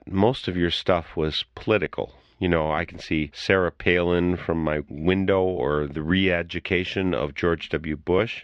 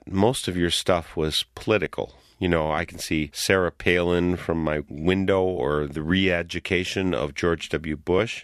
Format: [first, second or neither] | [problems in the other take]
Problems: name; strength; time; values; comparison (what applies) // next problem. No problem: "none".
second | muffled; very slightly; fading above 4 kHz